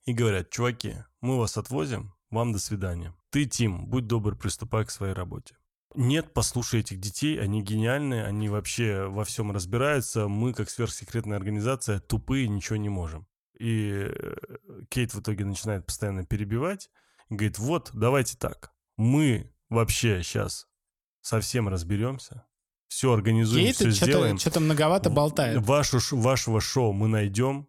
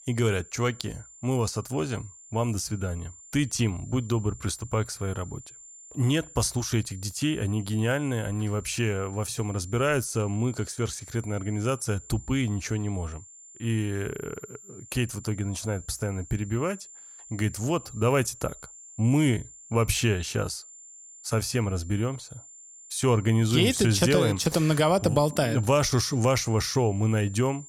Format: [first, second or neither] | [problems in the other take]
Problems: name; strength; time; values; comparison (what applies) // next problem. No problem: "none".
first | high-pitched whine; noticeable; throughout; 7 kHz, 20 dB below the speech